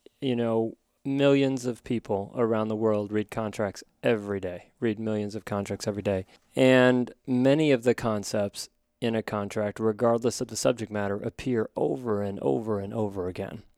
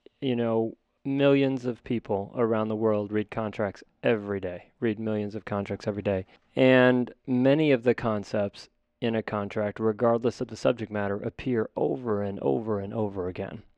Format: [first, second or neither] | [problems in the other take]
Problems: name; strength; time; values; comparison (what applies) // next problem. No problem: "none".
first | muffled; slightly; fading above 3 kHz